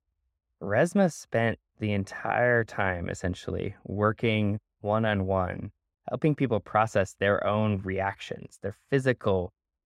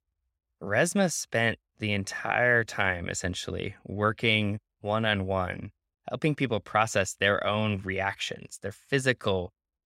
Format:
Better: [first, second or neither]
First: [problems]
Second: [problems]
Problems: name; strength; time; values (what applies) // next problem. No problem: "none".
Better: second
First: muffled; slightly; fading above 2 kHz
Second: none